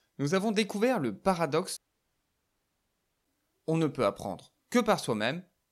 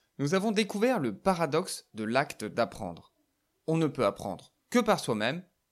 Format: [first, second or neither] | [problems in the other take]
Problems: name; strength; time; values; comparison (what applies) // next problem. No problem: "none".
second | audio cutting out; at 2 s for 1.5 s